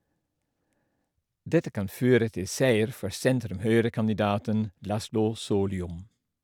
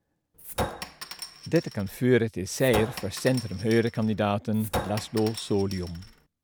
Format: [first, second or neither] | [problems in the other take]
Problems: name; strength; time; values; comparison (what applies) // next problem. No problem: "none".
first | background sound (Chink, clink); 9 dB below the speech